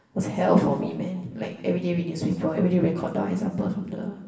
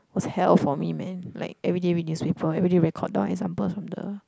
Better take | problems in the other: second | room echo; dies away in 1 s

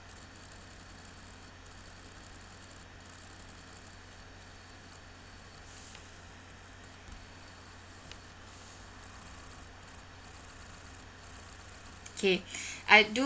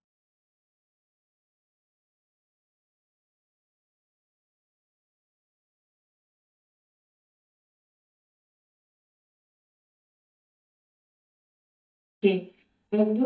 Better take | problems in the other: first | noise reduction (neural mask model DeepFilterNet 3)

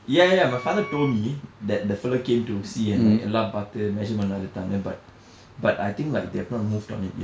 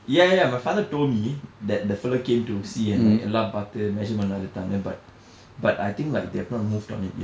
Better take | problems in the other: second | background sound (Wind instrument, woodwind instrument); 15 dB below the speech

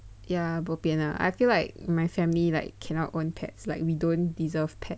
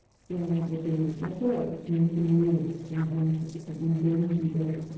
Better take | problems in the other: first | noise reduction (neural separator model SepFormer DNS4)

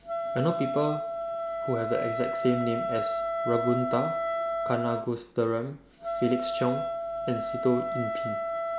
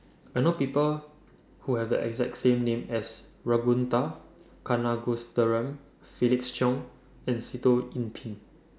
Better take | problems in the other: second | background sound (Wind instrument, woodwind instrument); 1 dB below the speech

